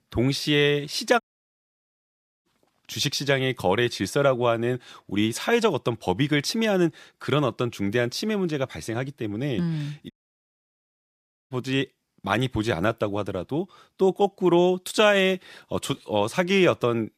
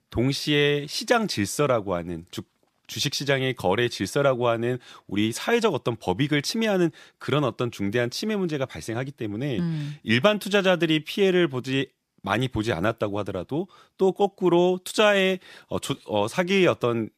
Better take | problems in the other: second | audio cutting out; at 1 s for 1 s and at 10 s for 1.5 s

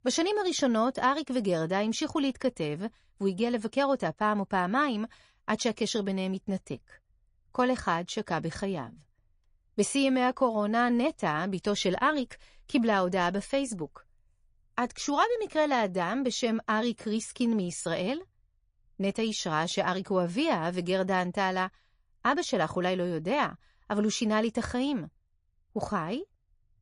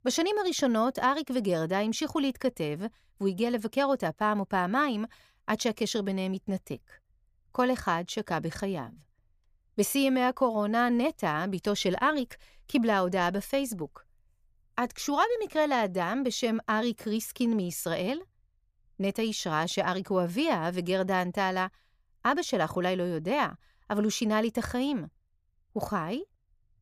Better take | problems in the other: second | garbled, watery; slightly; nothing above 10.5 kHz

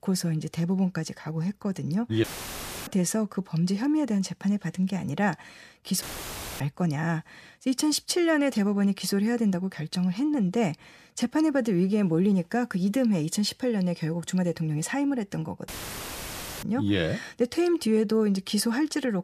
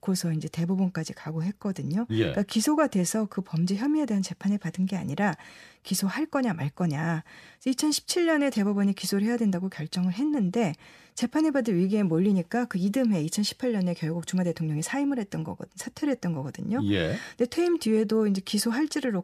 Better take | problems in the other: second | audio cutting out; filled with static; at 2 s for 0.5 s, at 6 s for 0.5 s and at 16 s for 1 s

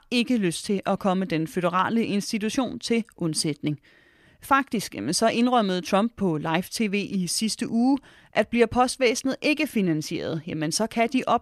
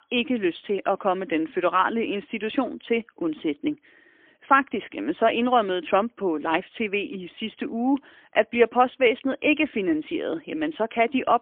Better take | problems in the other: first | phone-call audio; poor line; nothing above 3.5 kHz

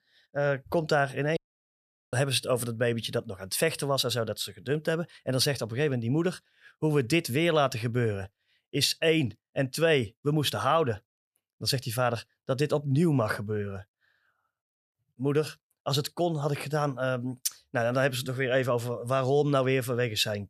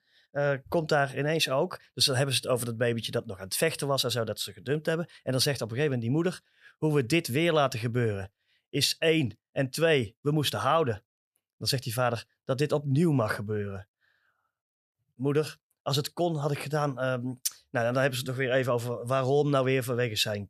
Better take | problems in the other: second | audio cutting out; at 1.5 s for 1 s

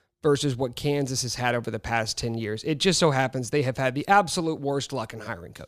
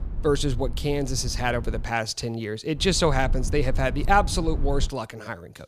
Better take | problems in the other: first | low rumble; faint; until 2 s and from 3 to 5 s; 20 dB below the speech

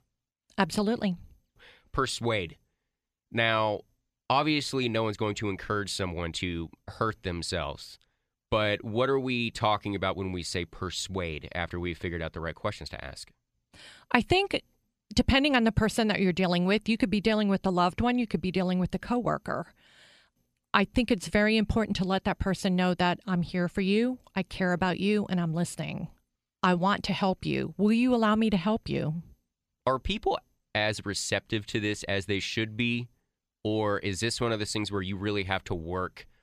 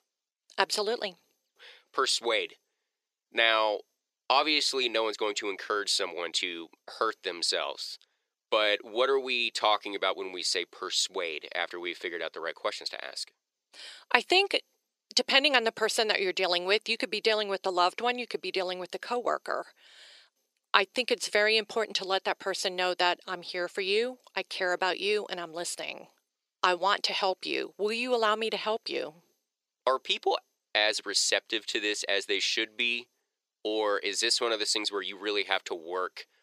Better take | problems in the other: first | thin; very; fading below 400 Hz

